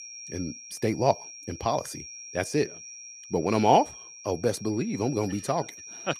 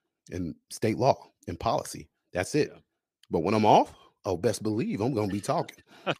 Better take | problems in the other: second | high-pitched whine; noticeable; throughout; 5.5 kHz, 15 dB below the speech

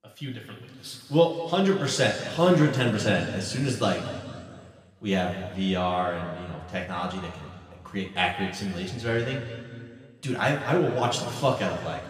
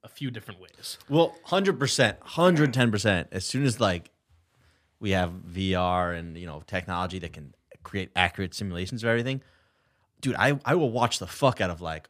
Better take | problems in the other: second | room echo; noticeable; dies away in 2 s // off-mic speech; far

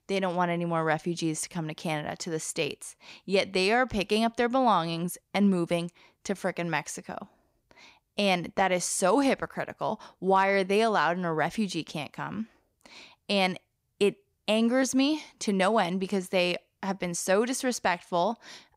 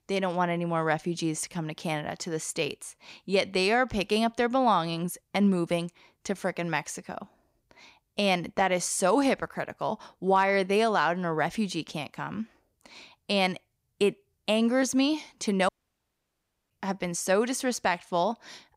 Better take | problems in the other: first | audio cutting out; at 16 s for 1 s

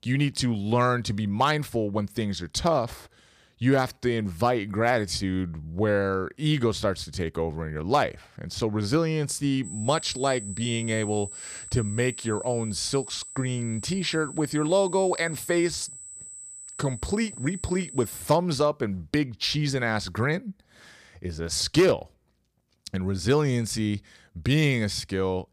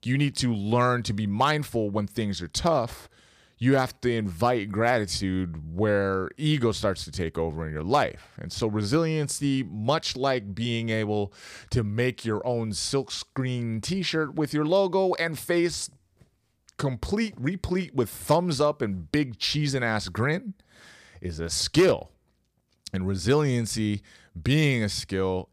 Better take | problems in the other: second | high-pitched whine; noticeable; from 9.5 to 18 s; 8 kHz, 10 dB below the speech

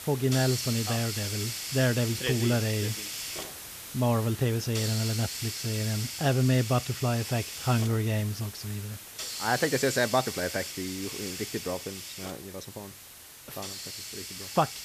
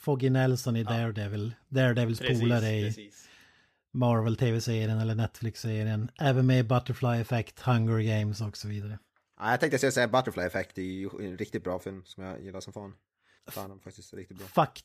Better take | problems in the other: second | hiss; loud; throughout; 6 dB below the speech

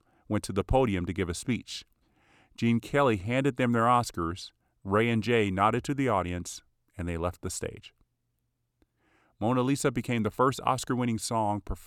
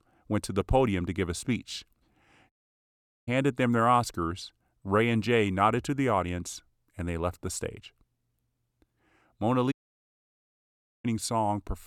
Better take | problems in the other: first | audio cutting out; at 2.5 s for 1 s and at 9.5 s for 1.5 s

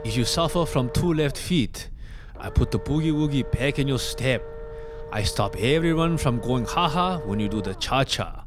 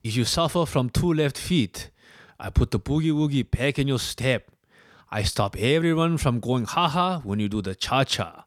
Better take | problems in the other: second | low rumble; noticeable; throughout; 10 dB below the speech

